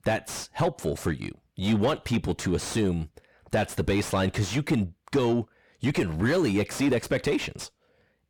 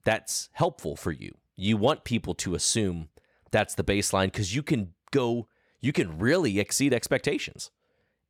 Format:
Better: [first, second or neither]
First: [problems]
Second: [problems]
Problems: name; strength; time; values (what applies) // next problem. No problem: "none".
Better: second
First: distortion; heavy; 7 dB below the speech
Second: none